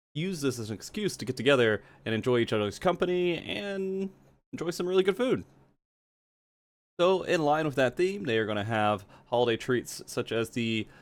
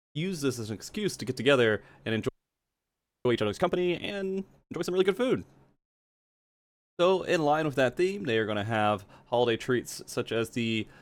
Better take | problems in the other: first | audio freezing; at 2.5 s for 1 s

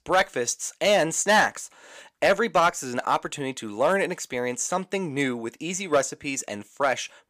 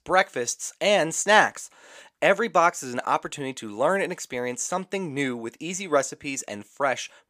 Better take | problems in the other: second | distortion; slight; 1.5% of the sound clipped

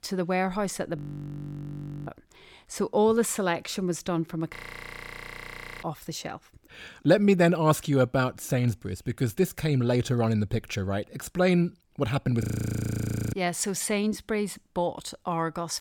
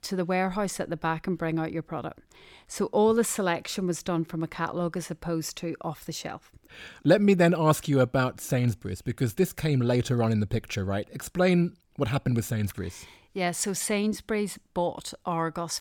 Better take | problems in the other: second | audio freezing; at 1 s for 1 s, at 4.5 s for 1.5 s and at 12 s for 1 s

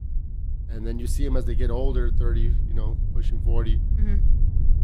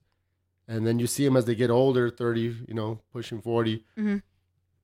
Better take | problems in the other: second | low rumble; loud; throughout; 8 dB below the speech

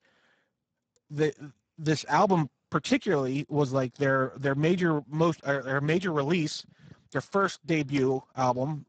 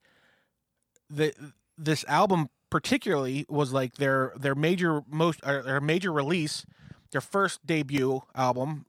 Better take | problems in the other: second | garbled, watery; badly; nothing above 7.5 kHz

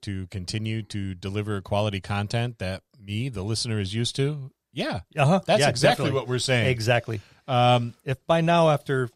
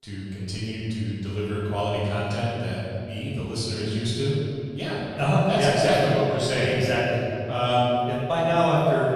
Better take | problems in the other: first | room echo; strong; dies away in 2.2 s // off-mic speech; far

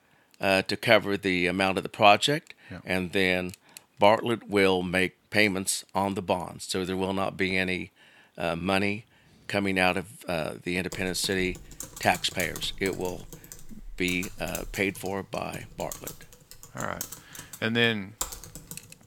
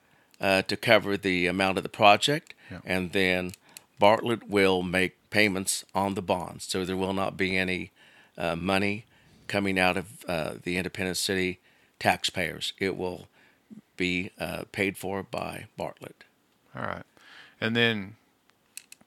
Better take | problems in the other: second | keyboard typing; noticeable; from 11 s on; peak 8 dB below the speech

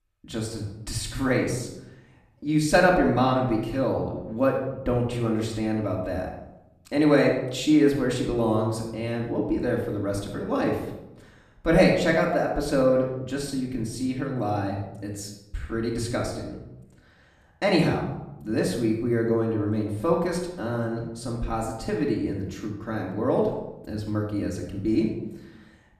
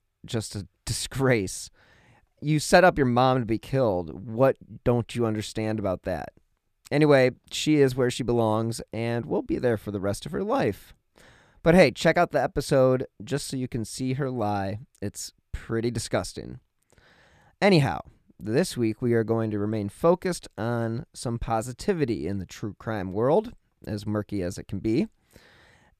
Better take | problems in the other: second | off-mic speech; far // room echo; noticeable; dies away in 0.7 s

